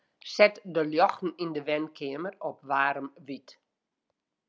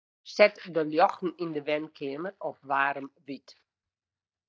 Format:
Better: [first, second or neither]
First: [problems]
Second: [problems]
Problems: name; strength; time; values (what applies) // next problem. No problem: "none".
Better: first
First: none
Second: noise reduction (neural mask model DeepFilterNet 3)